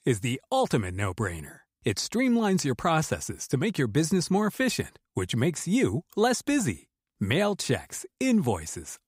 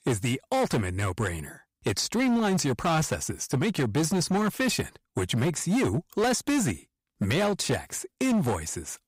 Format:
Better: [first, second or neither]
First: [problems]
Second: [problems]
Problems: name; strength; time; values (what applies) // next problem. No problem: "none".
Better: first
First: none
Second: distortion; slight; 14% of the sound clipped